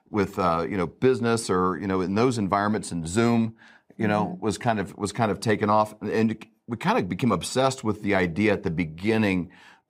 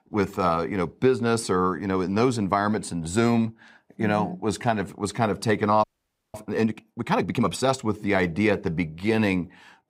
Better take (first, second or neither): first